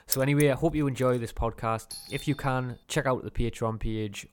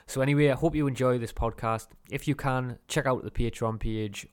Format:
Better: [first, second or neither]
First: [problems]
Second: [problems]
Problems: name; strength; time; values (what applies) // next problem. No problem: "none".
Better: second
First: jangling keys; noticeable; at the start; peak 2 dB below the speech // doorbell; faint; at 2 s; peak 10 dB below the speech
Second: none